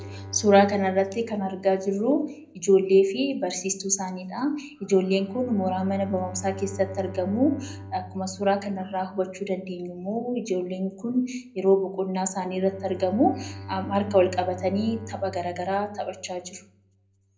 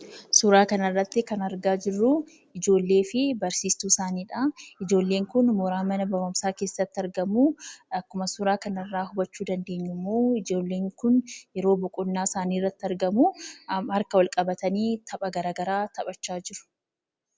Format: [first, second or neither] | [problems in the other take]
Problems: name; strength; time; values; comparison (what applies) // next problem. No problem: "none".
second | background sound (Bowed string instrument); 17 dB below the speech // room echo; dies away in 0.5 s